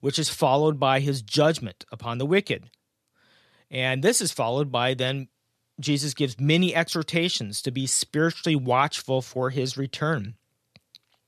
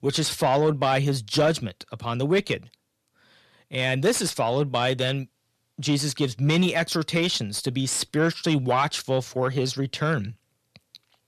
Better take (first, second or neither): first